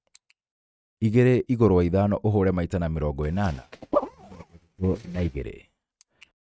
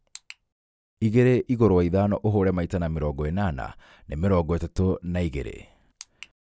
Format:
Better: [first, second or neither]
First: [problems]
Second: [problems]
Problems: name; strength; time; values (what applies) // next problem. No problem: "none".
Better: second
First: noise reduction (neural mask model RNNoise)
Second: none